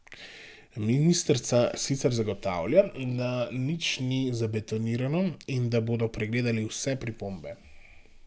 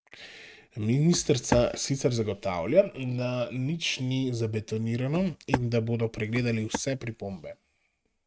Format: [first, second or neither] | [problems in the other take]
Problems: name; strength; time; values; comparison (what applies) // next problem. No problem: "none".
first | noise reduction (neural mask model RNNoise)